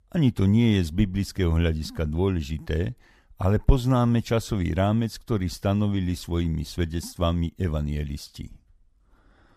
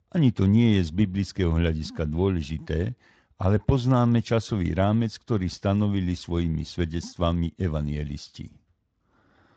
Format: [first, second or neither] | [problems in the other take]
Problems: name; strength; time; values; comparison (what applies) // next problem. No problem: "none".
first | garbled, watery; slightly; nothing above 7.5 kHz